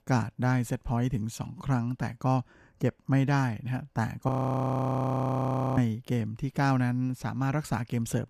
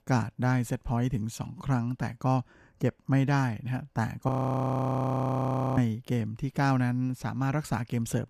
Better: neither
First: audio freezing; at 4.5 s for 1.5 s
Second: audio freezing; at 4.5 s for 1.5 s

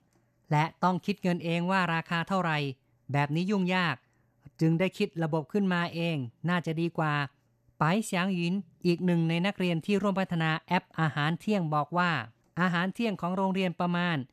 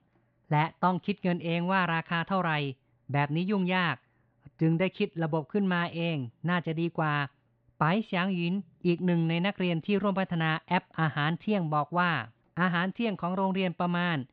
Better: first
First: none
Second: muffled; slightly; fading above 3.5 kHz

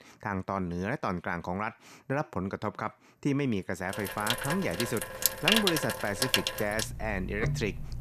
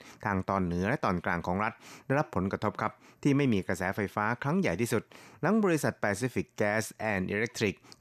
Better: second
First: household noises; very loud; from 4 s on; 3 dB above the speech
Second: none

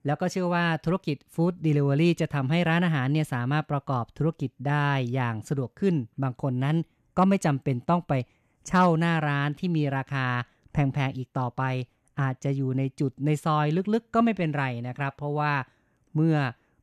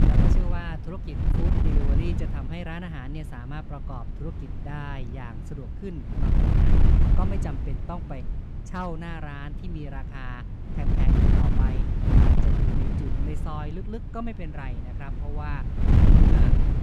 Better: first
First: none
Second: wind noise on the microphone; heavy; 4 dB above the speech

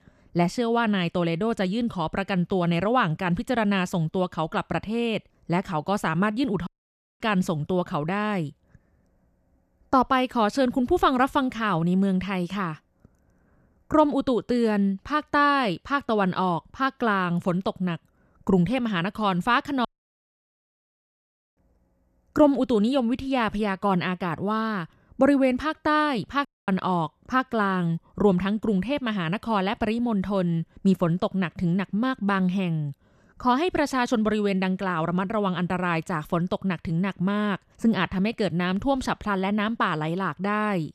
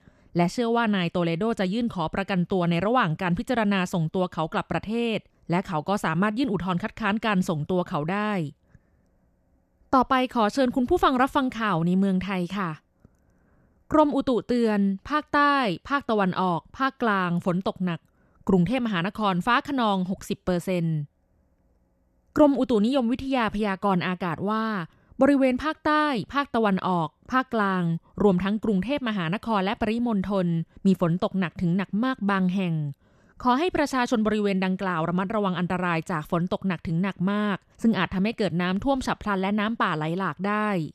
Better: second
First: audio cutting out; at 6.5 s for 0.5 s, at 20 s for 1.5 s and at 26 s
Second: none

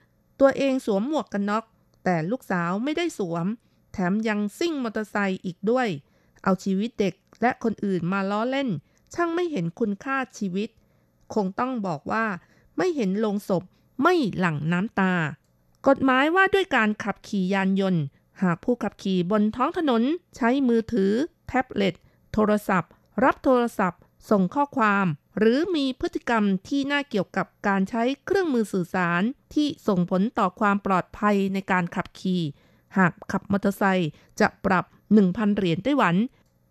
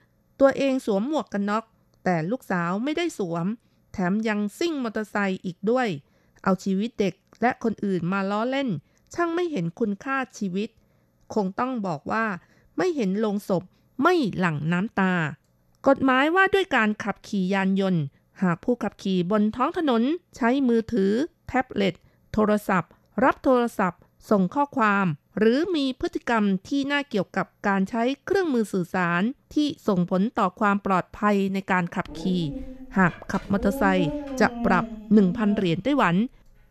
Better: first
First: none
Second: dog barking; noticeable; from 32 to 36 s; peak 5 dB below the speech

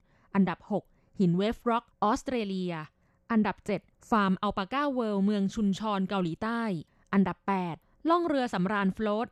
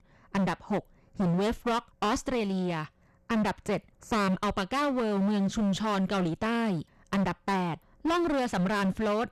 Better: first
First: none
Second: distortion; heavy; 23% of the sound clipped

